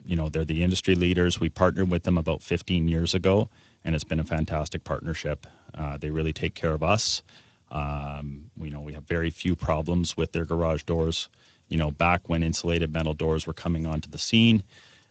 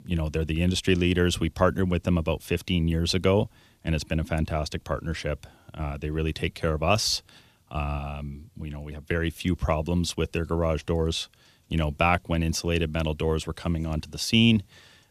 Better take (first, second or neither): second